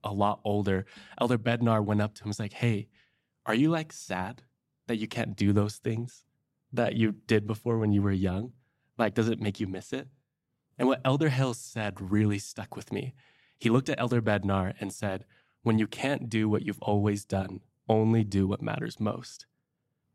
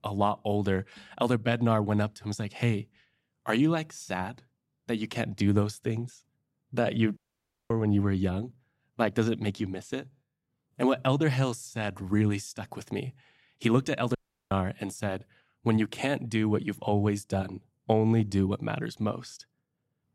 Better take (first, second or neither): first